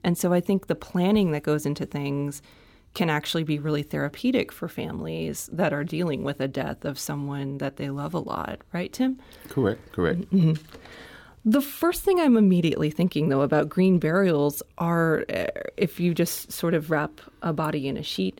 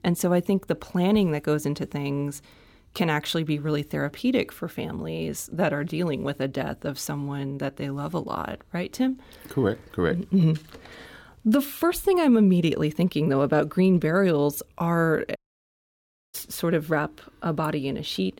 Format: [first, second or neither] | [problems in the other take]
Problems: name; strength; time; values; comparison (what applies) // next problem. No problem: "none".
first | audio cutting out; at 15 s for 1 s